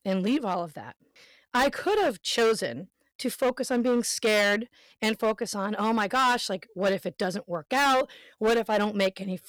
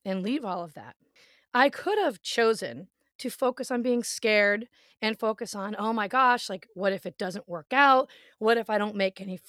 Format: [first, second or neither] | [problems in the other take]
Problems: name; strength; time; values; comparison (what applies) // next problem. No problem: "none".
second | distortion; heavy; 10% of the sound clipped